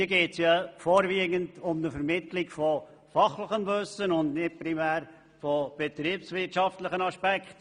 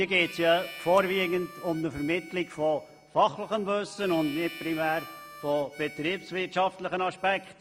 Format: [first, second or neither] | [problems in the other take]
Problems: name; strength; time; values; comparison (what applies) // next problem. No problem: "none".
first | background sound (Harmonica); 17 dB below the speech